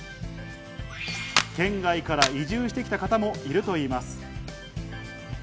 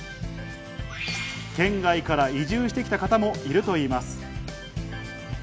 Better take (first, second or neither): second